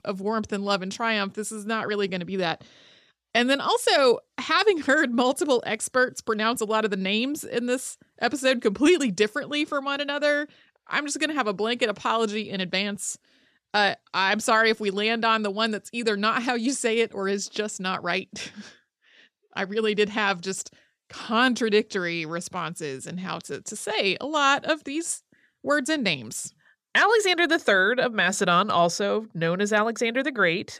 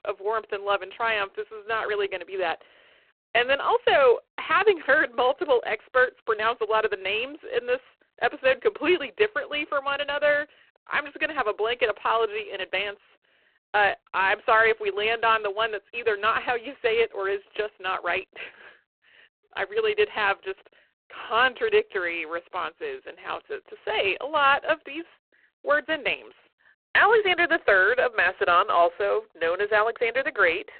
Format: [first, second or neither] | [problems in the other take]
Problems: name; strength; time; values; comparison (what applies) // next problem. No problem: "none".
first | phone-call audio; poor line